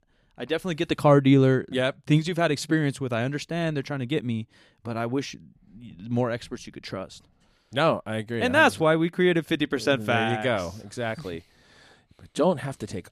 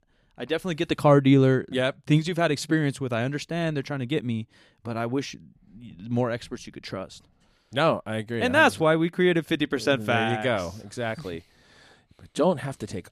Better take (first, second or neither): neither